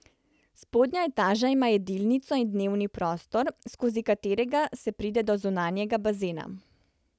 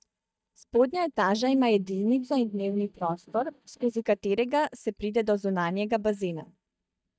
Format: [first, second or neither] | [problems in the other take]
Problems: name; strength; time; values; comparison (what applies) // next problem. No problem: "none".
first | noise reduction (neural mask model DeepFilterNet 3)